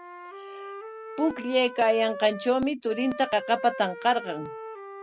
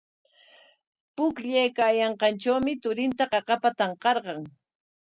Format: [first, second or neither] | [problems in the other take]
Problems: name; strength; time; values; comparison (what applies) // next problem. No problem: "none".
second | background sound (Wind instrument, woodwind instrument); 12 dB below the speech